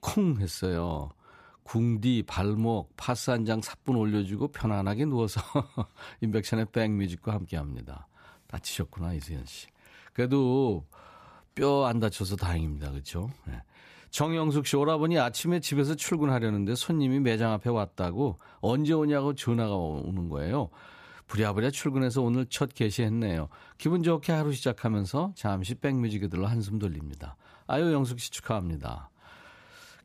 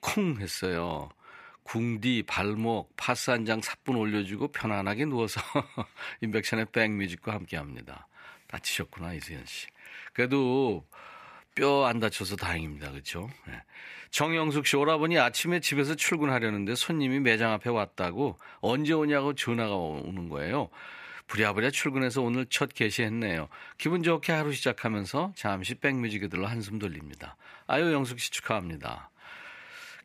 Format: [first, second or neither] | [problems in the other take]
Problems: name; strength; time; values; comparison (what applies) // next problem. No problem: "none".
first | thin; very slightly; fading below 550 Hz